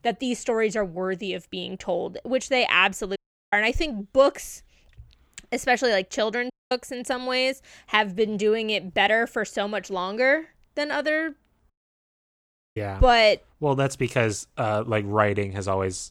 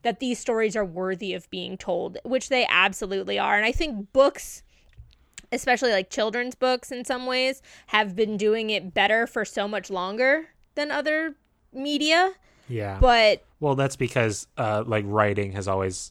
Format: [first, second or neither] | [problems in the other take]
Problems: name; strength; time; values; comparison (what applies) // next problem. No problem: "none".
second | audio cutting out; at 3 s, at 6.5 s and at 12 s for 1 s